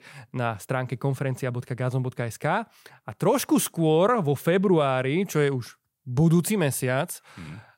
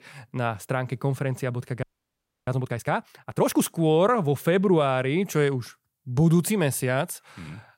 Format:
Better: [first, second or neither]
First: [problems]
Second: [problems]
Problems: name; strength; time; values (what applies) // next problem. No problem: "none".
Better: first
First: none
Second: audio freezing; at 2 s for 0.5 s